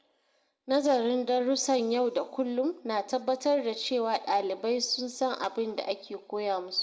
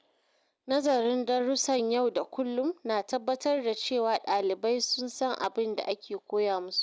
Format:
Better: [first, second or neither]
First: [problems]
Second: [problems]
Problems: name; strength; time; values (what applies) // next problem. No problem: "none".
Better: second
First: room echo; dies away in 0.7 s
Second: none